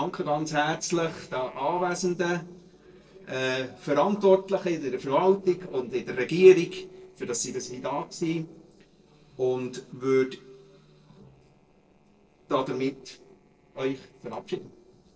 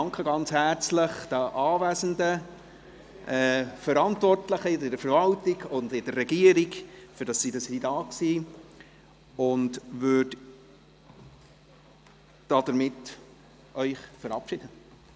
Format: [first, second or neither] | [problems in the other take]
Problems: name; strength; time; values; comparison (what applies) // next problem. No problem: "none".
second | noise reduction (neural separator model SepFormer DNS4)